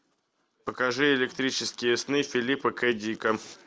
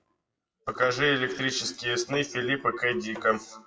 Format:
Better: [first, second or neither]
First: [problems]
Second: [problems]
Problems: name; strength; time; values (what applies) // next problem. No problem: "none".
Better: first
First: none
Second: noise reduction (classical method WPE with log-MMSE)